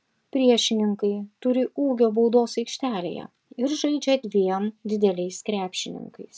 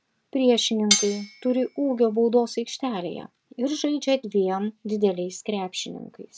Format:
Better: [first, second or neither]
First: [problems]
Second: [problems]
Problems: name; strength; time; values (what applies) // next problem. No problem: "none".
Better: first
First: none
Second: background sound (Cutlery, silverware); 4 dB below the speech